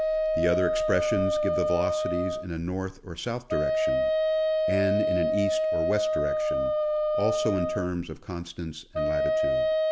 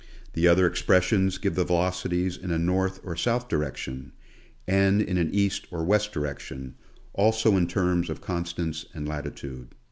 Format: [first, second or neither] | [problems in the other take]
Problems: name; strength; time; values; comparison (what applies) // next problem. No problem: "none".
second | background sound (Wind instrument, woodwind instrument); 5 dB above the speech